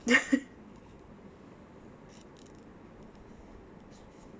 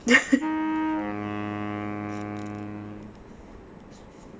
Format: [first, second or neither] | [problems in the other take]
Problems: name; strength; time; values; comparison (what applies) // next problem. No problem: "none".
first | background sound (Wind instrument, woodwind instrument); 1 dB below the speech